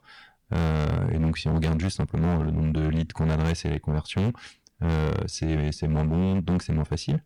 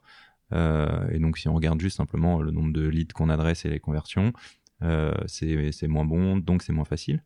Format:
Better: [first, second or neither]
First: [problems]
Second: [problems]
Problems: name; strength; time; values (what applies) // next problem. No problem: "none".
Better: second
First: distortion; slight; 16% of the sound clipped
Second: none